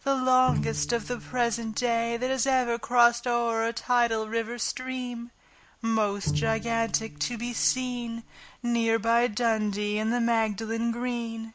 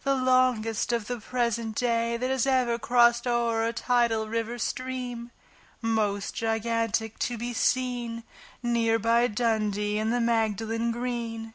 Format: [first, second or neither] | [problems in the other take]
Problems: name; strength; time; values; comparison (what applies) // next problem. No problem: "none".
second | background sound (Bowed string instrument); 9 dB below the speech